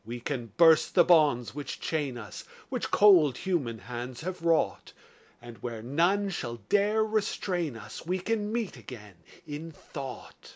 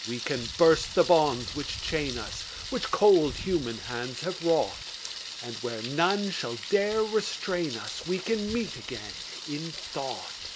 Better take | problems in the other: first | background sound (Thunder); 10 dB below the speech

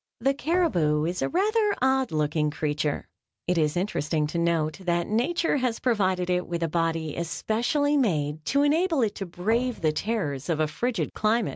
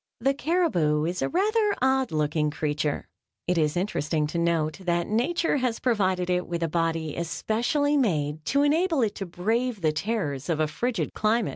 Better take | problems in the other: second | background sound (Thump, thud); 18 dB below the speech

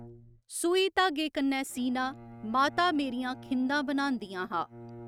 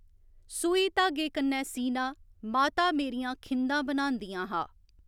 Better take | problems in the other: second | noise reduction (neural mask model RNNoise)

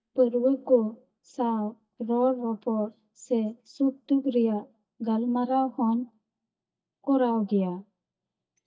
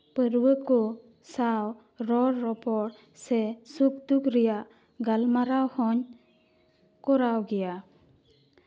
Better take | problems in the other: second | noise reduction (neural mask model DeepFilterNet 3)

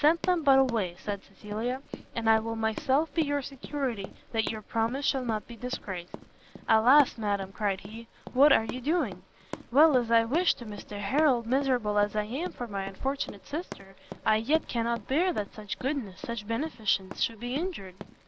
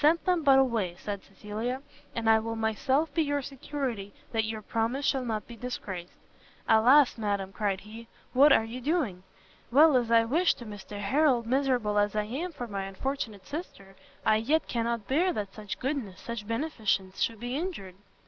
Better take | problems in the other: second | background sound (Run); 16 dB below the speech

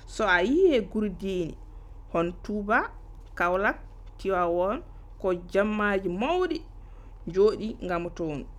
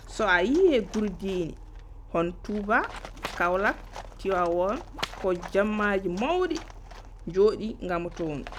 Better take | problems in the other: first | background sound (Livestock, farm animals, working animals); 17 dB below the speech

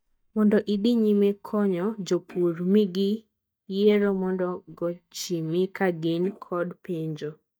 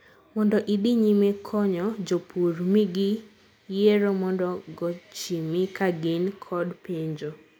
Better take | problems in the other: second | noise reduction (neural mask model DeepFilterNet 3)

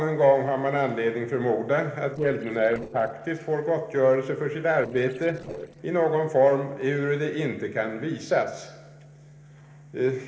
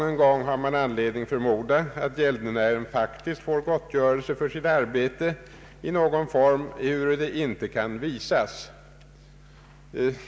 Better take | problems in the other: second | noise reduction (neural separator model SepFormer DNS4)

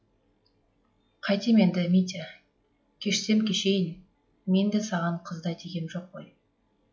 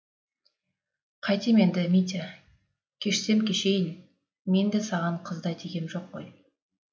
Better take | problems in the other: second | noise reduction (classical method log-MMSE)

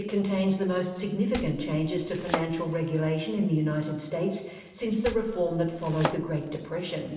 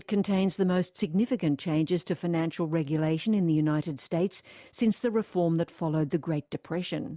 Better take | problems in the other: second | background sound (Domestic sounds, home sounds); 9 dB below the speech // room echo; dies away in 1.1 s

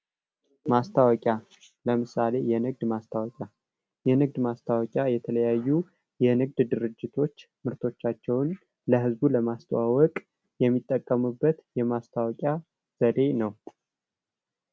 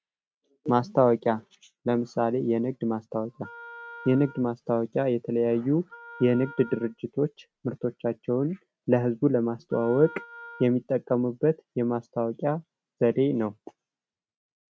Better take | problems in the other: first | noise reduction (neural mask model RNNoise)

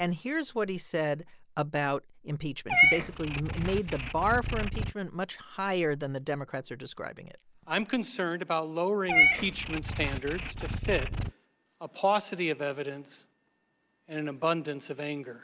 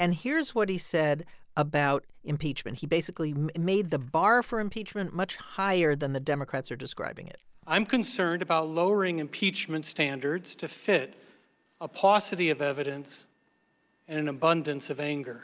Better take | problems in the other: second | background sound (Meow / Purr); 1 dB below the speech

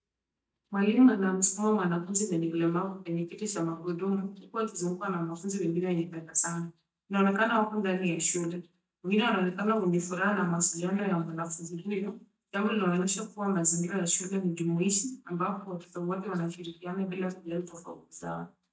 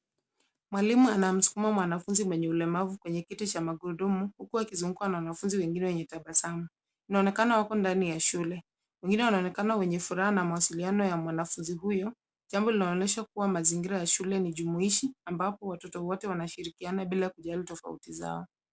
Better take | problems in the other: second | noise reduction (neural mask model DeepFilterNet 3)

